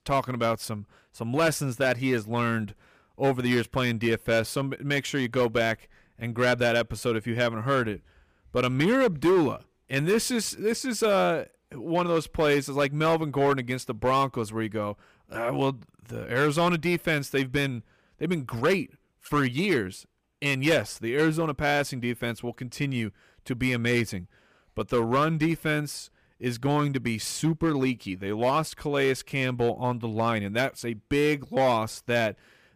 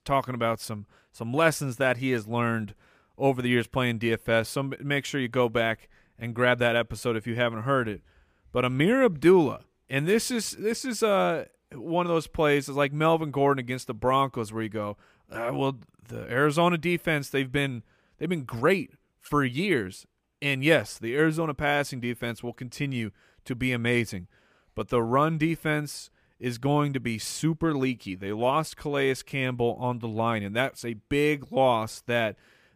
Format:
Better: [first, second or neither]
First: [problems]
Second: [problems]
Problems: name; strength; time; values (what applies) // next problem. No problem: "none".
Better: second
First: distortion; slight; 4% of the sound clipped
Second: none